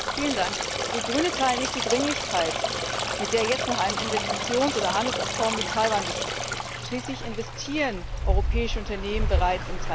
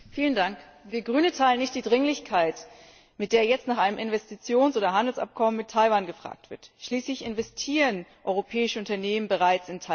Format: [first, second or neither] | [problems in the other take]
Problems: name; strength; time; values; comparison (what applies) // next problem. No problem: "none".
second | background sound (Stream); 1 dB above the speech